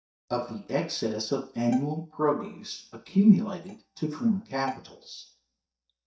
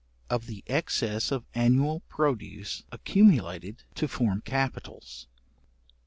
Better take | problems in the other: second | noise reduction (neural mask model DeepFilterNet 3)

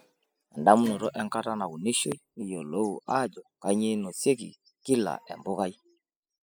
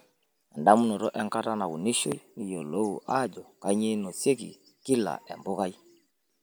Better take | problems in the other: second | noise reduction (classical method spectral subtraction)

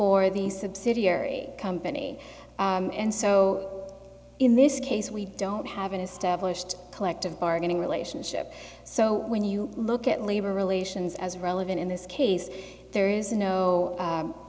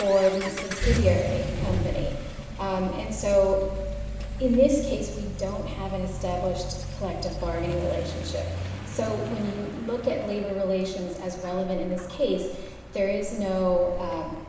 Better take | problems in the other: first | background sound (Accelerating, revving, vroom); 5 dB below the speech // room echo; dies away in 0.9 s

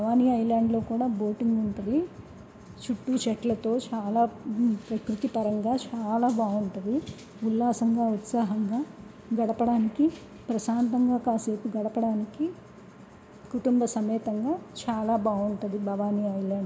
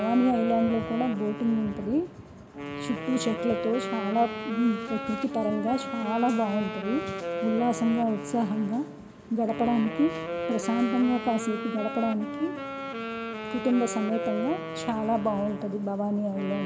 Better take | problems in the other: first | background sound (Wind instrument, woodwind instrument); 7 dB below the speech

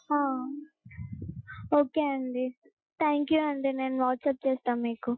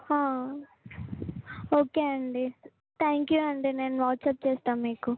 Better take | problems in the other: second | noise reduction (classical method Wiener filter)

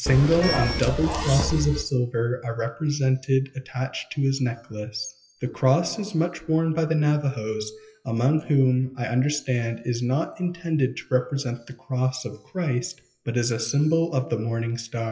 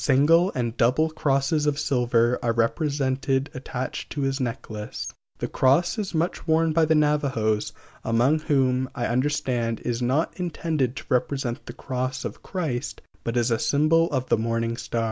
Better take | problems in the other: second | noise reduction (classical method WPE with log-MMSE)

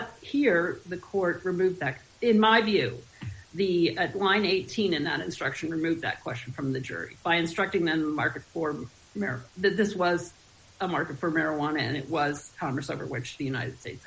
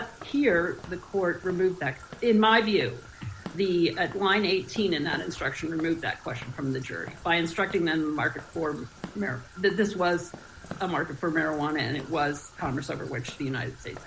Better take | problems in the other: first | background sound (Trickle, dribble / Traffic noise, roadway noise + Walk, footsteps / Siren); 18 dB below the speech

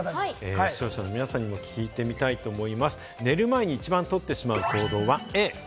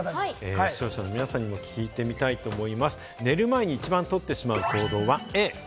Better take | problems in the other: first | background sound (Slam / Microwave oven); 20 dB below the speech

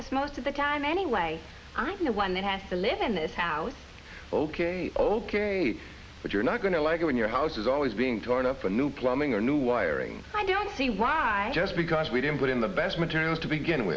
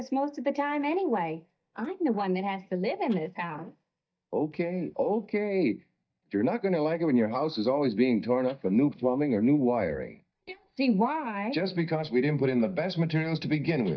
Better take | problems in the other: first | noise reduction (neural mask model DeepFilterNet 3)

